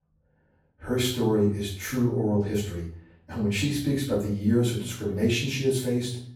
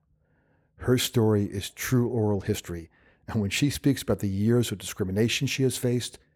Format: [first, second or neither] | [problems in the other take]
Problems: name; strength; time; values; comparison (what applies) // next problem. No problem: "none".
second | off-mic speech; far // room echo; noticeable; dies away in 0.5 s